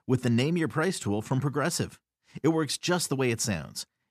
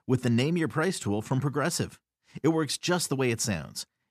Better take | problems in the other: neither | none

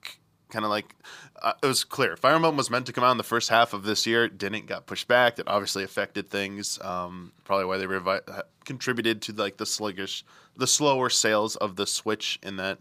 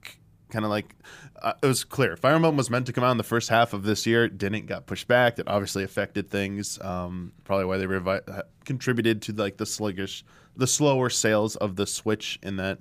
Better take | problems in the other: second | thin; very slightly; fading below 700 Hz

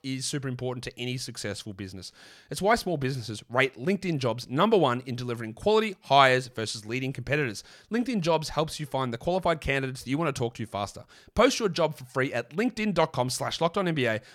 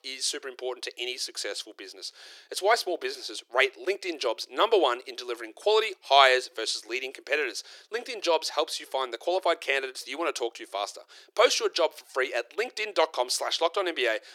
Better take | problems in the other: first | thin; very; fading below 350 Hz

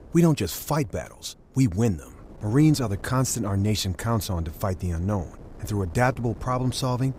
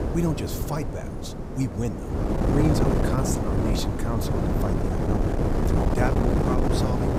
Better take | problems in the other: first | wind noise on the microphone; heavy; 3 dB above the speech; occasional gusts in the first

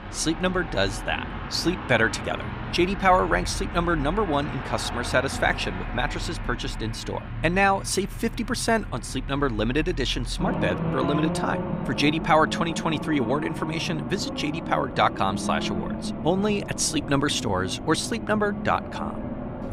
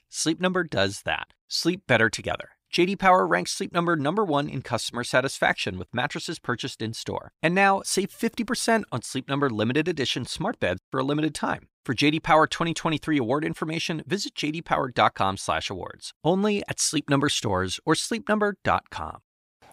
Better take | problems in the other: second | traffic noise; loud; throughout; 7 dB below the speech

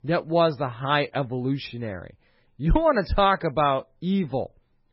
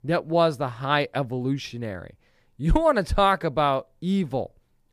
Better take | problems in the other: second | garbled, watery; badly; nothing above 5.5 kHz

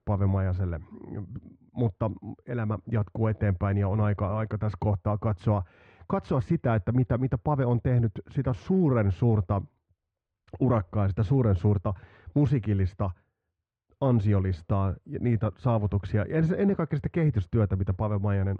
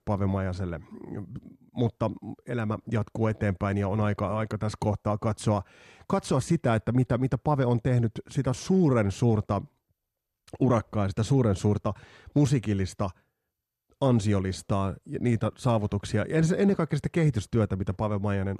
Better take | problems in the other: second | muffled; very; fading above 2 kHz

